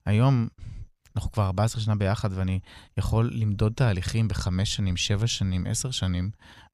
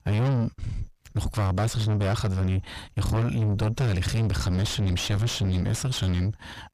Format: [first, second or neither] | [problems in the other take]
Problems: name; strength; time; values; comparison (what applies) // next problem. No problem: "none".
first | distortion; heavy; 6 dB below the speech